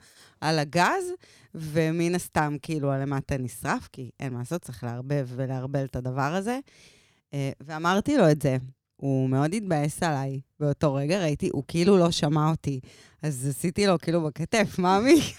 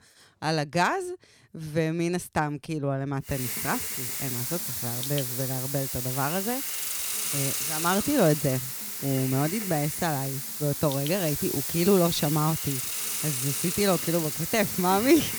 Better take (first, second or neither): first